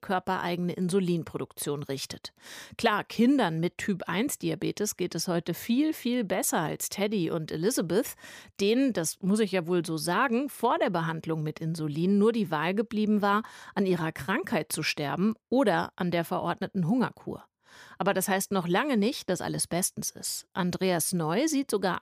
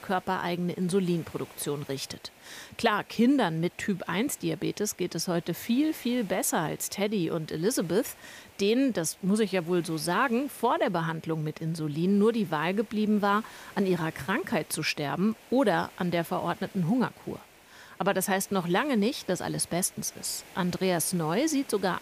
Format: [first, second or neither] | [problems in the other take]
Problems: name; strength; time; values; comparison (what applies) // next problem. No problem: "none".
first | hiss; faint; throughout; 25 dB below the speech